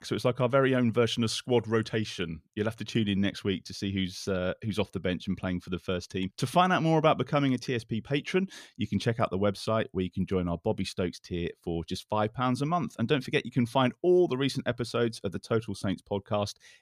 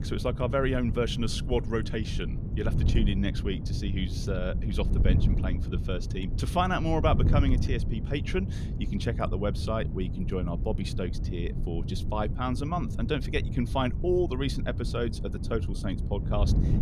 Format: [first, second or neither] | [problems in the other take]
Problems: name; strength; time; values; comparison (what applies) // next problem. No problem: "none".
first | wind noise on the microphone; occasional gusts; 10 dB below the speech